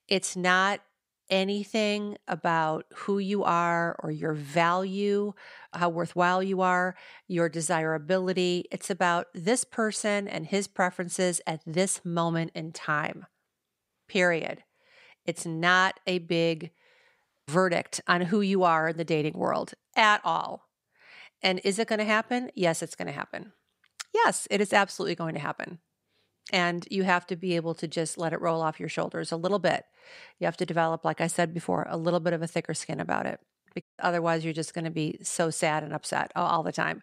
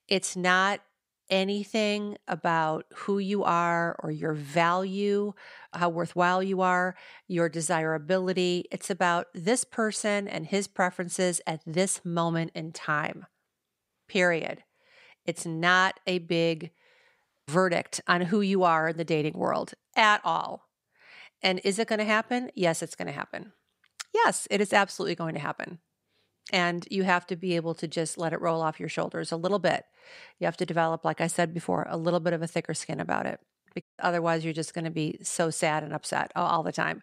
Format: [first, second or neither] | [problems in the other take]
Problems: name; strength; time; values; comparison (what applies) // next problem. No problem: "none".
neither | audio cutting out; at 34 s; the same in both